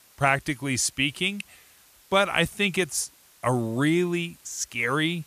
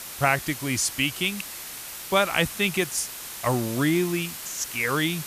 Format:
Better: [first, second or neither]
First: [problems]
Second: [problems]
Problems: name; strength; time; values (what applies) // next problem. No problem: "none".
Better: first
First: hiss; faint; throughout; 30 dB below the speech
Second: hiss; loud; throughout; 9 dB below the speech